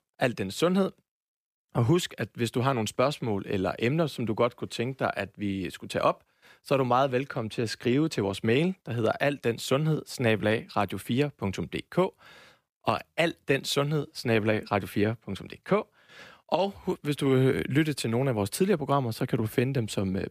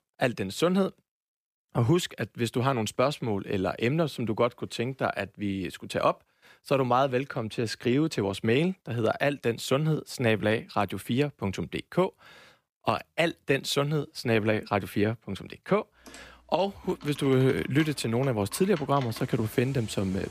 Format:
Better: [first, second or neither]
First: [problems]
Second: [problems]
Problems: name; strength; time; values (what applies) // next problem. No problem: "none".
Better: first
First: none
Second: household noises; noticeable; from 16 s on; 20 dB below the speech